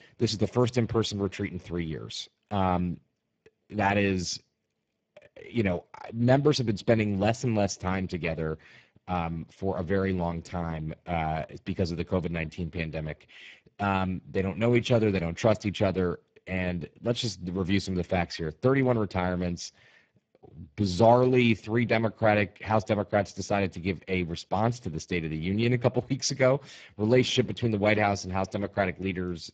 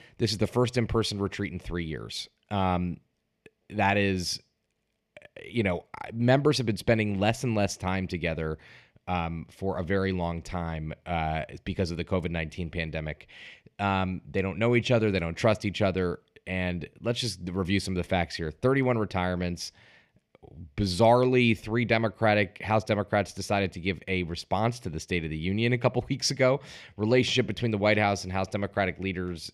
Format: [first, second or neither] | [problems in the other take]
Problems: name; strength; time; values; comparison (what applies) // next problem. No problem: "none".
second | garbled, watery; badly; nothing above 7.5 kHz